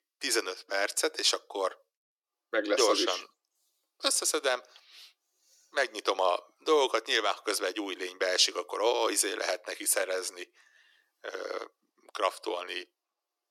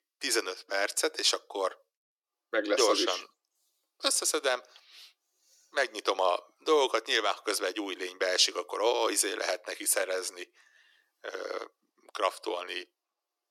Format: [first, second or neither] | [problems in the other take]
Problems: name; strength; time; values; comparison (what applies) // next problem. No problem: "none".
neither | thin; somewhat; fading below 300 Hz; the same in both